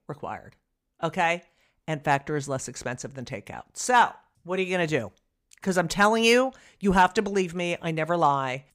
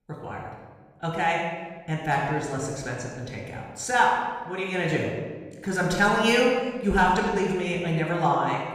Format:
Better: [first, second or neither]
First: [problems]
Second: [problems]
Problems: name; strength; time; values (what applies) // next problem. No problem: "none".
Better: first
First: none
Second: off-mic speech; far // room echo; noticeable; dies away in 1.2 s